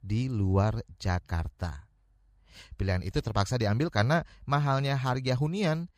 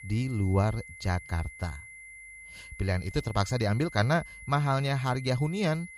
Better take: first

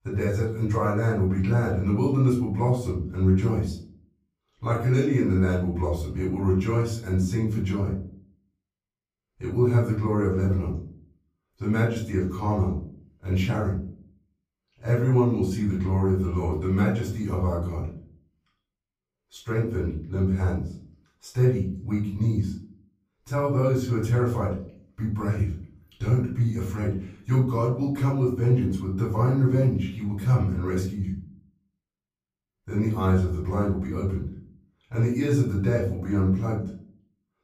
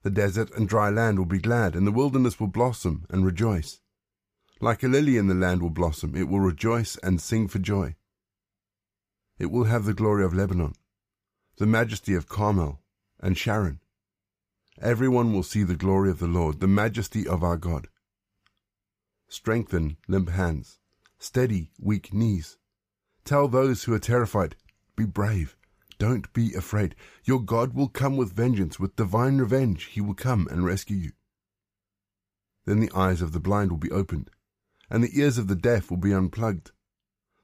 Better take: second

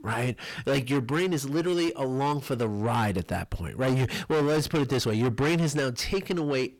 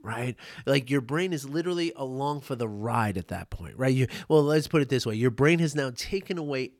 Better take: second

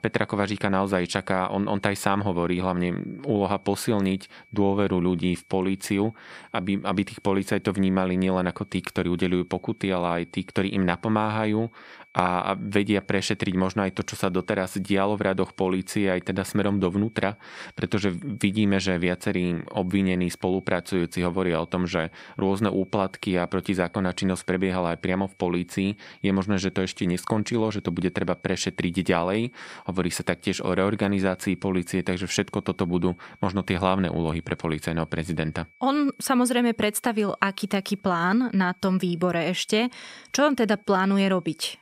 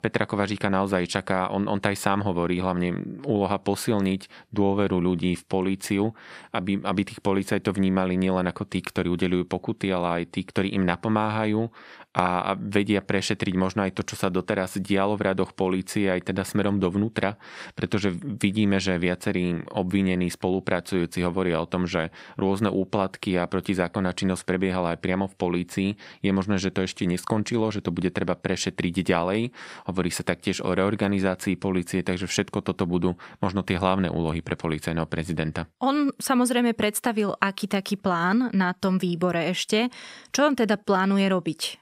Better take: second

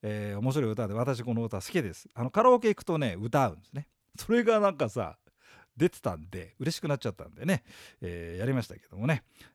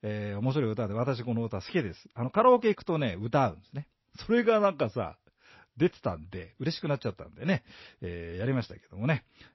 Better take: first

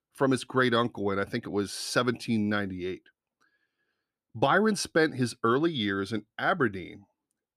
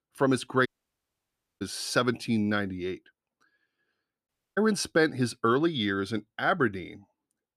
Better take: first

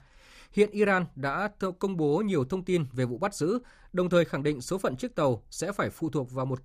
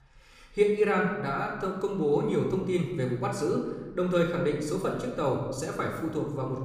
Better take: first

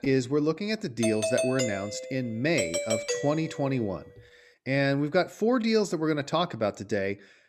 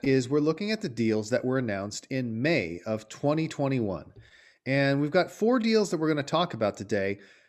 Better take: second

